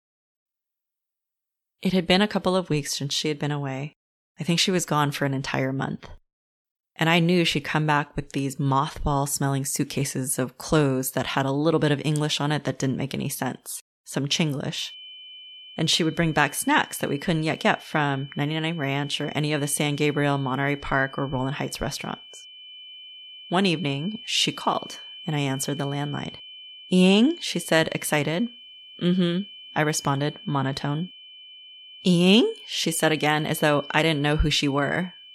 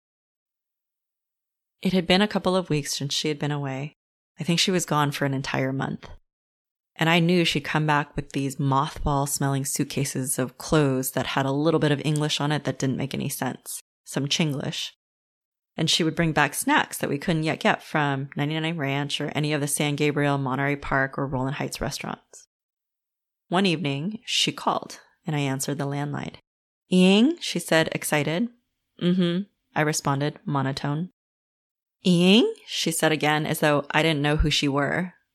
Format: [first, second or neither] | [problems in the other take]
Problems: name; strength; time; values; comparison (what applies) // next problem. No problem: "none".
second | high-pitched whine; noticeable; from 15 s on; 3 kHz, 15 dB below the speech